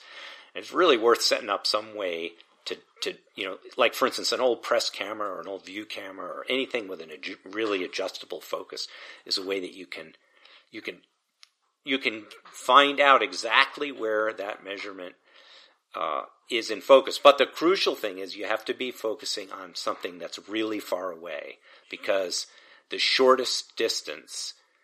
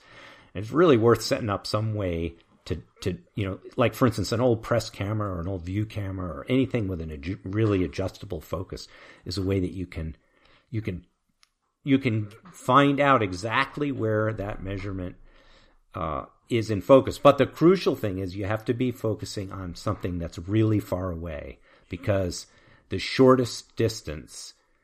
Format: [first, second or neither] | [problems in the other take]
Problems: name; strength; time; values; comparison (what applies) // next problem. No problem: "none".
second | thin; somewhat; fading below 400 Hz